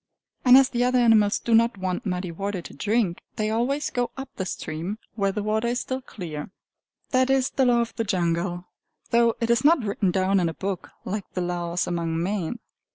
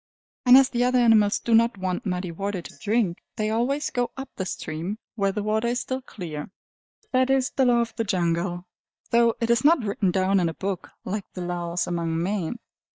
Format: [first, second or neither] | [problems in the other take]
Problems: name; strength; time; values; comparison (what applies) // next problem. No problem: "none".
first | noise reduction (neural mask model DeepFilterNet 3)